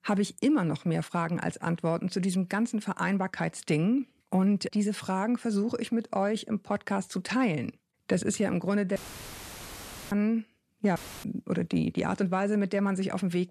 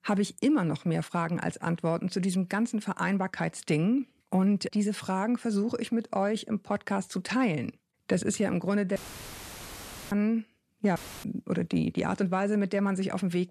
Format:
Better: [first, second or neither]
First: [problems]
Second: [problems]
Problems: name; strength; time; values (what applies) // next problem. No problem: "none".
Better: neither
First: audio cutting out; filled with static; at 9 s for 1 s and at 11 s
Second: audio cutting out; filled with static; at 9 s for 1 s and at 11 s